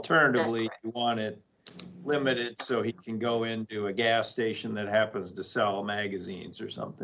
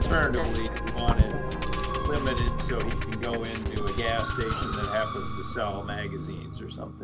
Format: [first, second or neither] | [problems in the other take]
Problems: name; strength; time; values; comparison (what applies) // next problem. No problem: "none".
first | background sound (Musical instrument); 4 dB above the speech